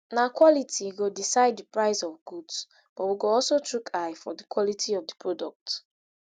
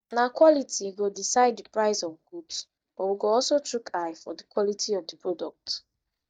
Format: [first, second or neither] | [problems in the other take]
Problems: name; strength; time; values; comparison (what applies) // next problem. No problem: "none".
first | noise reduction (neural mask model DeepFilterNet 3)